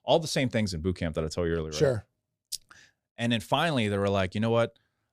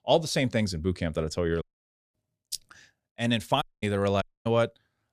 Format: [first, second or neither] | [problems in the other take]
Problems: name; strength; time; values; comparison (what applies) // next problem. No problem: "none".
first | audio cutting out; at 1.5 s for 0.5 s, at 3.5 s and at 4 s